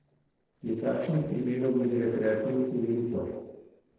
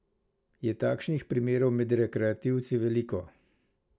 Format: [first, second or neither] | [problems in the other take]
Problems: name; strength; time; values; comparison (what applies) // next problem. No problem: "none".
second | noise reduction (neural separator model SepFormer DNS4)